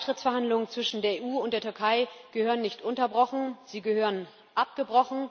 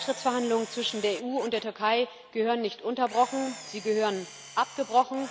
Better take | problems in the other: first | background sound (Camera); 17 dB below the speech

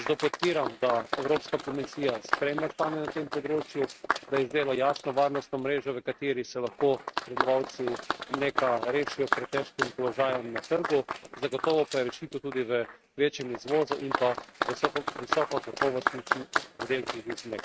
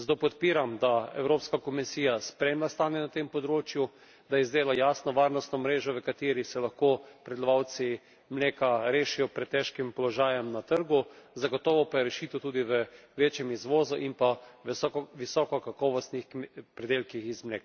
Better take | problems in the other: second | noise reduction (neural mask model RNNoise)

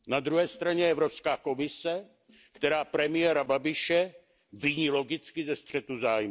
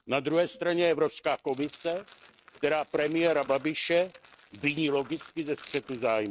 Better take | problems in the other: first | noise reduction (neural mask model RNNoise)

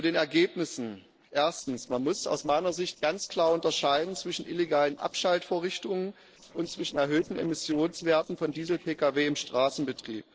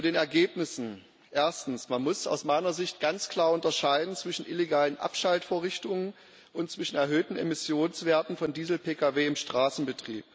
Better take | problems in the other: second | noise reduction (neural separator model SepFormer DNS4)

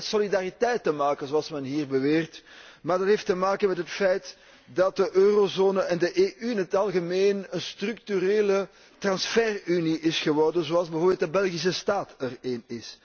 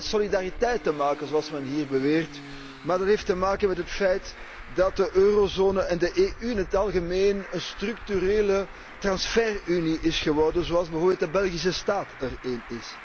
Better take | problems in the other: first | background sound (Traffic noise, roadway noise); 14 dB below the speech

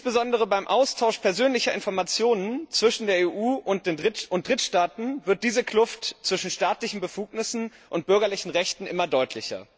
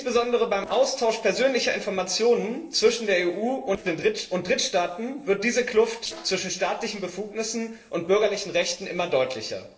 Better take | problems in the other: first | noise reduction (neural separator model SepFormer DNS4)

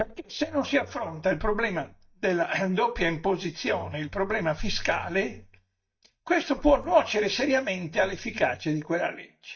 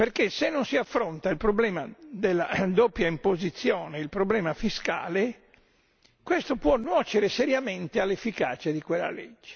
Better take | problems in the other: second | noise reduction (neural mask model DeepFilterNet 3)

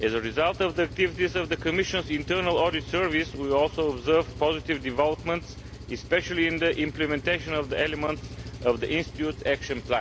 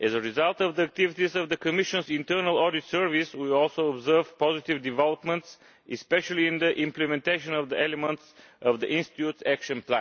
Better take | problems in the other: second | background sound (Engine); 12 dB below the speech

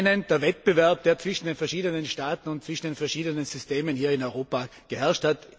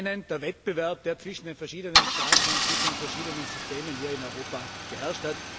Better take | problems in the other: first | background sound (Idling / Engine starting / Car); 5 dB above the speech

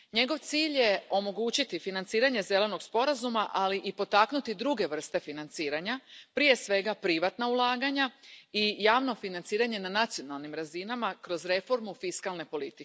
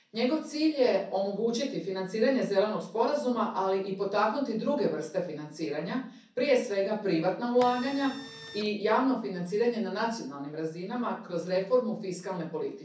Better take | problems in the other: first | background sound (Printer); 15 dB below the speech // room echo; dies away in 0.6 s

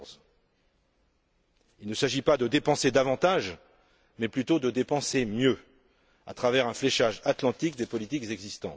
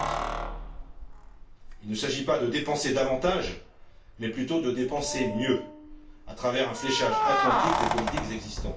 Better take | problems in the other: first | background sound (Keys jangling); 2 dB below the speech // room echo; dies away in 0.3 s

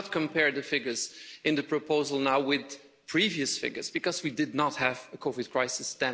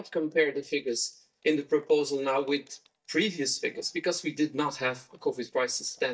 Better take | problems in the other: first | noise reduction (neural mask model DeepFilterNet 3)

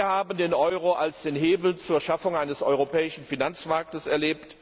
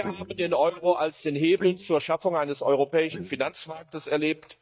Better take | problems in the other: first | noise reduction (neural mask model DeepFilterNet 3)

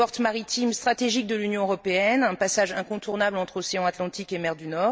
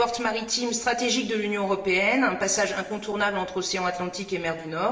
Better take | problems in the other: first | room echo; dies away in 1 s

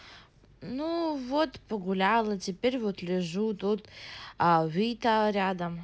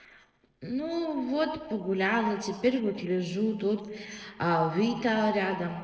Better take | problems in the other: first | noise reduction (neural separator model SepFormer DNS4)

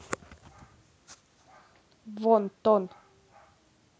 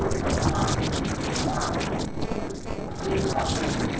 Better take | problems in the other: first | noise reduction (neural separator model SepFormer DNS4)

